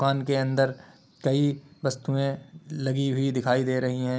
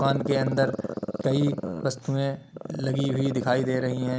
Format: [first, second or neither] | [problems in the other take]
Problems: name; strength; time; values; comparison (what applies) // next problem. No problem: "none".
first | background sound (Growling); 7 dB below the speech